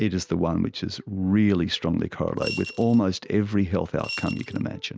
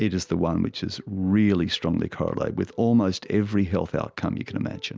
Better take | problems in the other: second | noise reduction (neural mask model RNNoise)

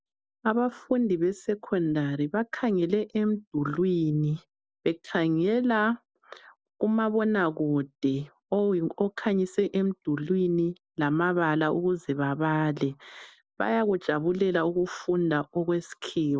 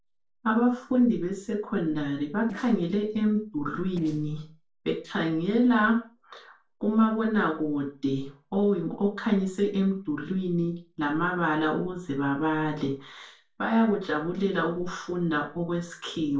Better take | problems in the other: first | noise reduction (neural separator model SepFormer DNS4)

